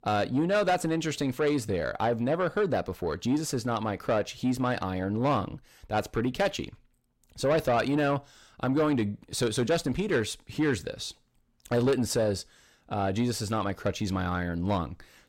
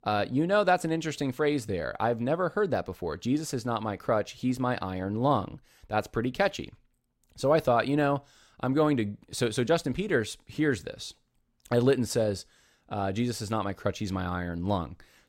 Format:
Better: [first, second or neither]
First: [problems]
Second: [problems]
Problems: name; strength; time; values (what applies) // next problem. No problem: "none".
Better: second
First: distortion; slight; 10 dB below the speech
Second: none